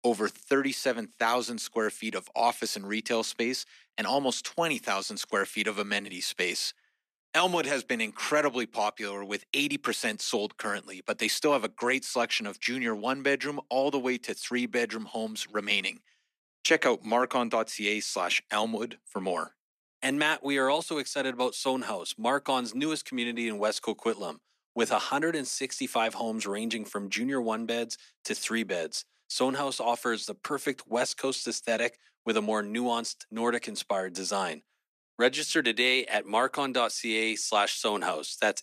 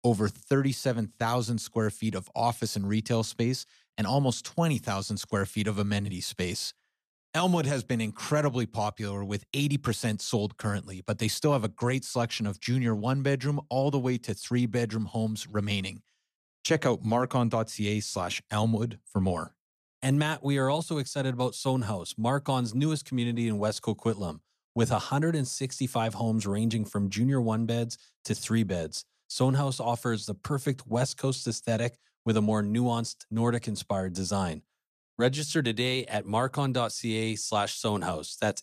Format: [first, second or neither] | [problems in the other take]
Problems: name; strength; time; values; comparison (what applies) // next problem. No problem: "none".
second | thin; somewhat; fading below 250 Hz